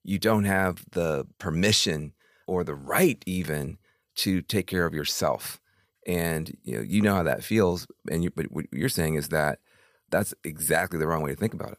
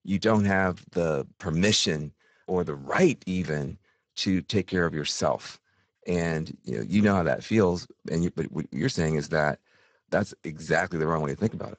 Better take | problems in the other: first | garbled, watery; badly; nothing above 7.5 kHz

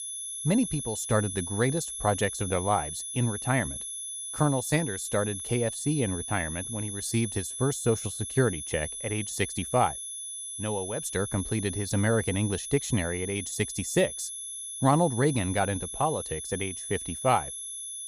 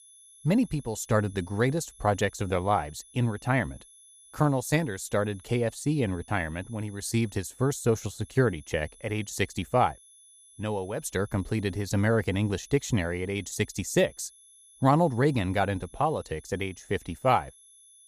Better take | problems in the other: second | high-pitched whine; loud; throughout; 11 kHz, 6 dB below the speech; faint in the second

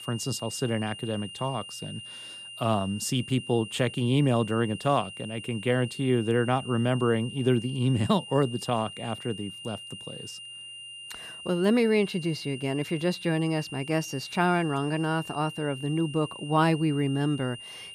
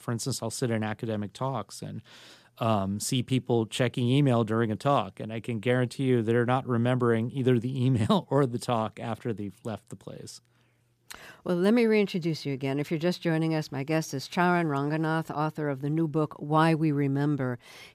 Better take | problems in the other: second | high-pitched whine; noticeable; throughout; 3 kHz, 10 dB below the speech

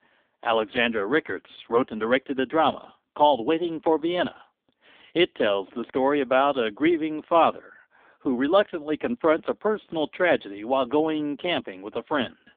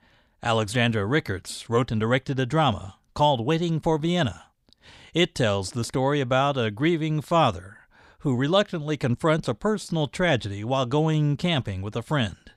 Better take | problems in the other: second | phone-call audio; poor line; nothing above 3.5 kHz

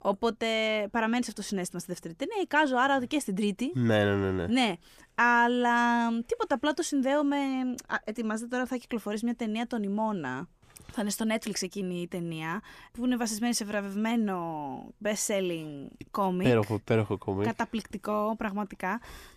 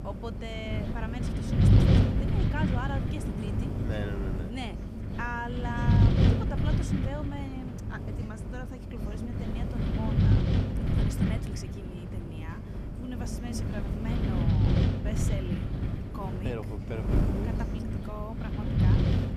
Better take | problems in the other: first | wind noise on the microphone; heavy; 2 dB above the speech

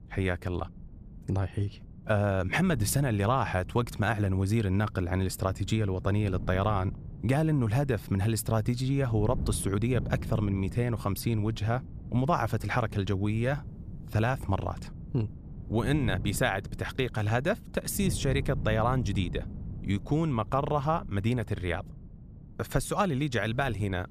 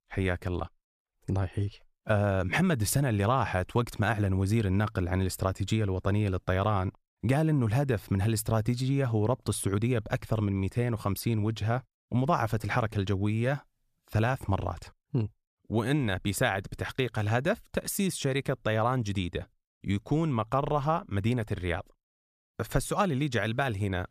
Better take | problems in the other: second | wind noise on the microphone; occasional gusts; 20 dB below the speech

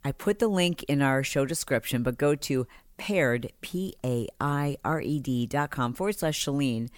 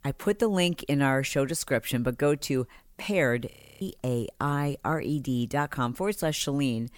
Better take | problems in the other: first | audio freezing; at 3.5 s

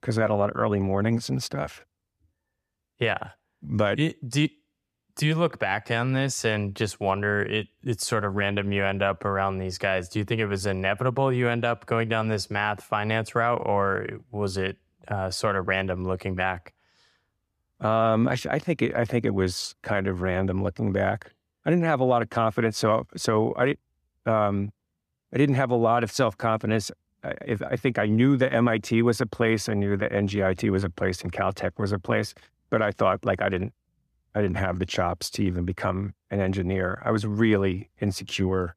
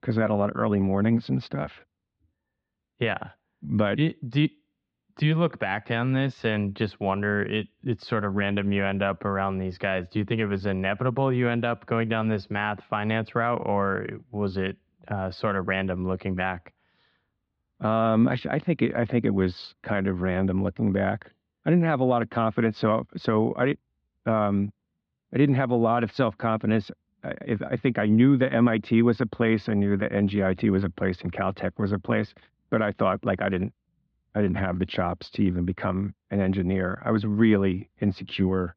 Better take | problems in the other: first | muffled; slightly; fading above 4 kHz

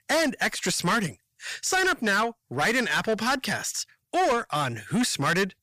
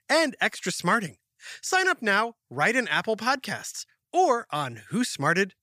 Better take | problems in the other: second | distortion; heavy; 6 dB below the speech

